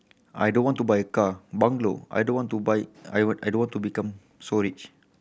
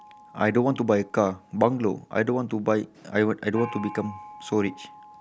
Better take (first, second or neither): first